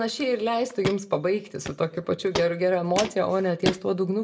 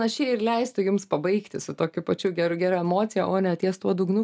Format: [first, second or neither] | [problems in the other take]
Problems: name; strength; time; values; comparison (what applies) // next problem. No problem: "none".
second | background sound (Walk, footsteps); 10 dB below the speech // room echo; dies away in 0.4 s